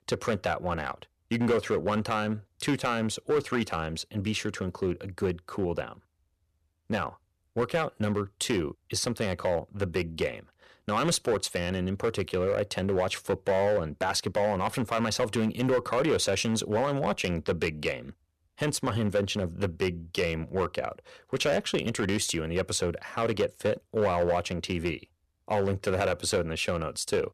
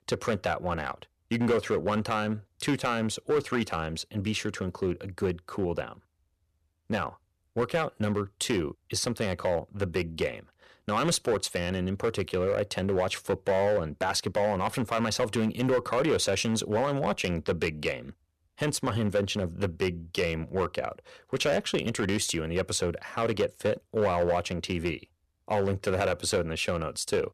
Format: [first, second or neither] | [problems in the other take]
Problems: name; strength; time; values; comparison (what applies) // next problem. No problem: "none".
neither | distortion; slight; 5% of the sound clipped; the same in both